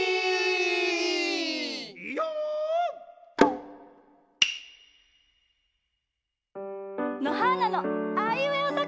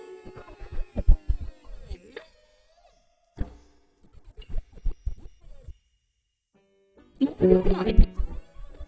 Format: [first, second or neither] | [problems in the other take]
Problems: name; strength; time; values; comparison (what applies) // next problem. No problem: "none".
first | noise reduction (neural mask model DeepFilterNet 3)